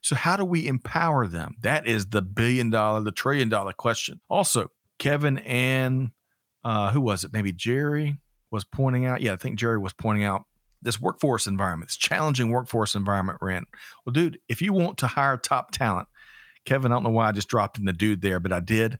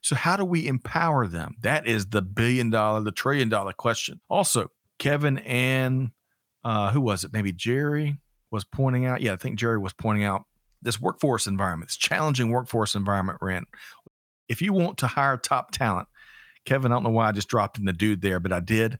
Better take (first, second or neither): first